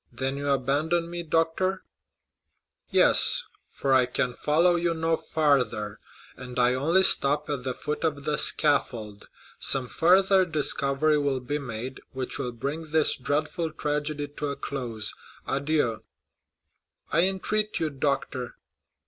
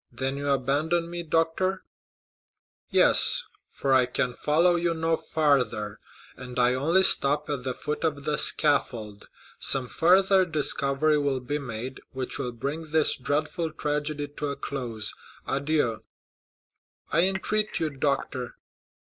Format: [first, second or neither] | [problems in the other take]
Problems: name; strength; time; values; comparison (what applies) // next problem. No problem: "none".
first | noise reduction (neural mask model Resemble Enhance denoiser)